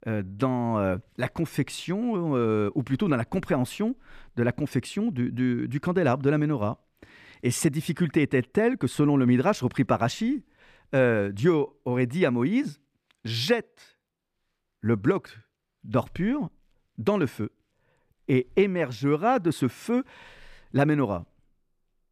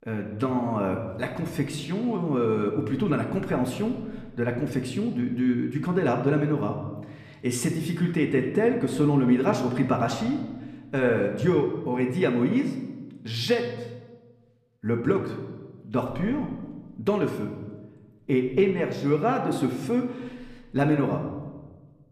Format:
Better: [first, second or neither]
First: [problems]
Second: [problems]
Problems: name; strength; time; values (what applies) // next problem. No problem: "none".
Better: first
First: none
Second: room echo; slight; dies away in 1 s // off-mic speech; somewhat distant